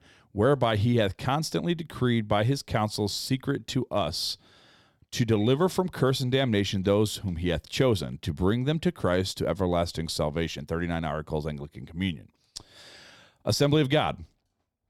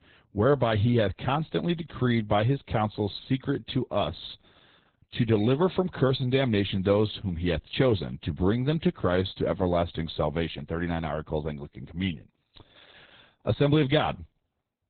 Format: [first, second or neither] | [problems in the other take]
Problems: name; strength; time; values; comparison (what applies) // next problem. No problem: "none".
first | garbled, watery; badly; nothing above 4 kHz